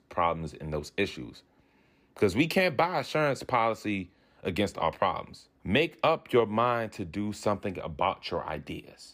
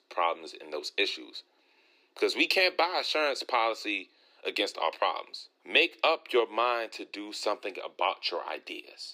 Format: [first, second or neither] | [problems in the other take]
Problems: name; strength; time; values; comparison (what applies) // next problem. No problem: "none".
first | thin; somewhat; fading below 350 Hz